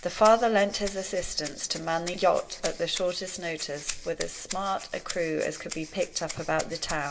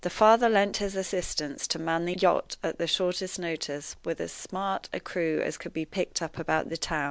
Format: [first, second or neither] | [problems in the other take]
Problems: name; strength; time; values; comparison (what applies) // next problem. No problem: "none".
second | background sound (Rattle (instrument)); 12 dB below the speech // room echo; dies away in 1.9 s